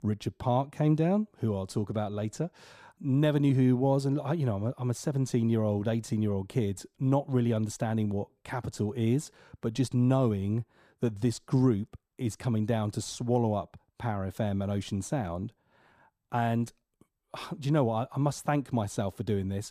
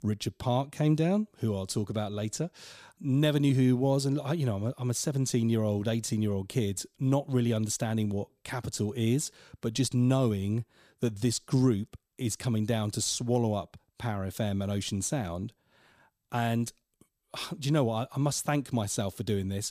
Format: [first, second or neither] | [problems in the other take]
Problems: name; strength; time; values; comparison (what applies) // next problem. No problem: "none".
second | muffled; slightly; fading above 2.5 kHz